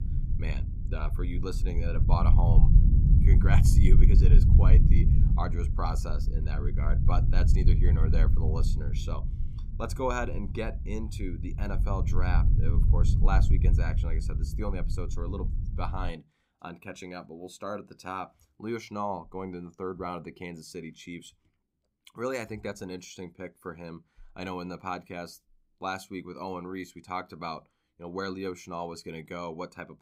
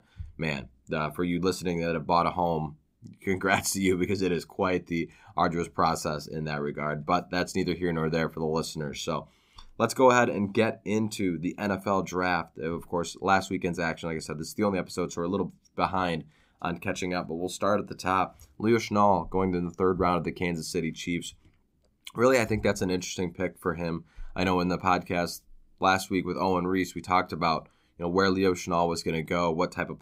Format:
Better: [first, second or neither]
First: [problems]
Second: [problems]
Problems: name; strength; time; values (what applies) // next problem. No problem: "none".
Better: second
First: low rumble; loud; until 16 s; 4 dB below the speech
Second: none